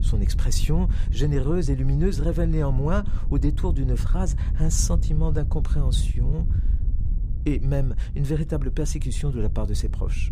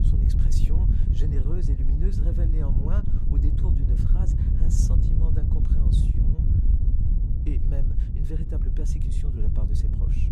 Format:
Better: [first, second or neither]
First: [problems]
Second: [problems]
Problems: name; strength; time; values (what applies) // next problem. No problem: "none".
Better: first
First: wind noise on the microphone; occasional gusts; 10 dB below the speech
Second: wind noise on the microphone; heavy; 3 dB above the speech